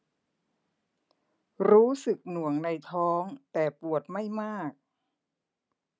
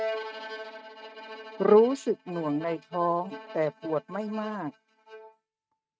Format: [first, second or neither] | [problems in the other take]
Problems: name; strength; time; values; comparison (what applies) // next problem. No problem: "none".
first | noise reduction (neural mask model RNNoise)